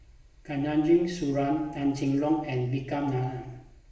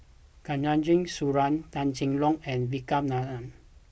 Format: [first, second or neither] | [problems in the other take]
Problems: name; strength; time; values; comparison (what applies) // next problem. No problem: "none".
second | room echo; dies away in 0.9 s